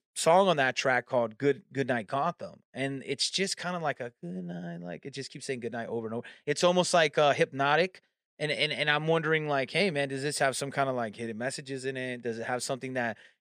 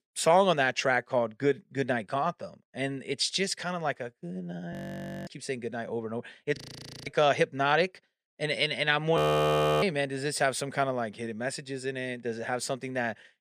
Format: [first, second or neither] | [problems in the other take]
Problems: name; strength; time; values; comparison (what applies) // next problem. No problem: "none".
first | audio freezing; at 4.5 s for 0.5 s, at 6.5 s for 0.5 s and at 9 s for 0.5 s